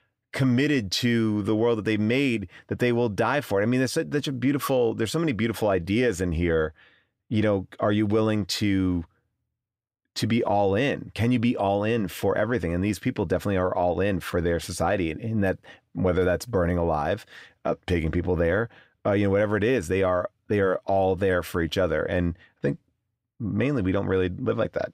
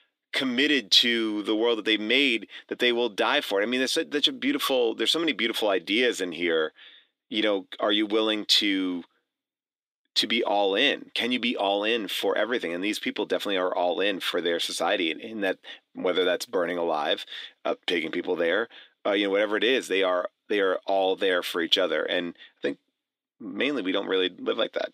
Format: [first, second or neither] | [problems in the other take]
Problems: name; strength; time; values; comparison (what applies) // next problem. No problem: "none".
first | thin; very slightly; fading below 300 Hz